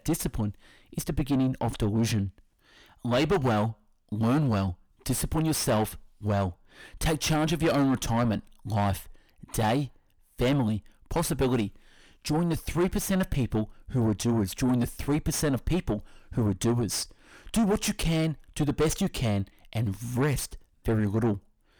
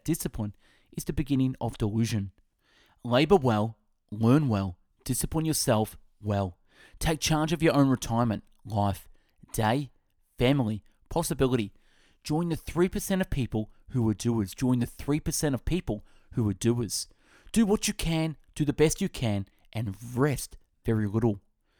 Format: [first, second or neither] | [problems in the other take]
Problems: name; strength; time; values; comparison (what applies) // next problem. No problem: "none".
second | distortion; heavy; 6 dB below the speech